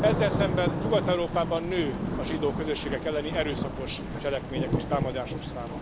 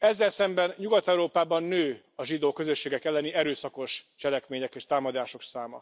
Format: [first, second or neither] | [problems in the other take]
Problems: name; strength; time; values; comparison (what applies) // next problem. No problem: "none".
second | background sound (Thunder / Rain); 1 dB below the speech